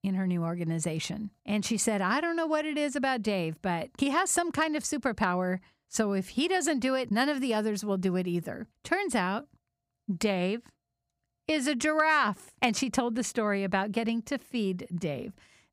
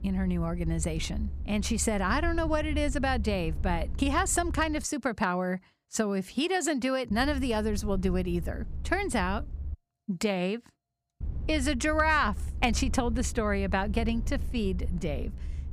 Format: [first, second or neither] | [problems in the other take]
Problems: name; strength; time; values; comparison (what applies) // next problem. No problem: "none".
first | low rumble; faint; until 5 s, from 7 to 9.5 s and from 11 s on; 25 dB below the speech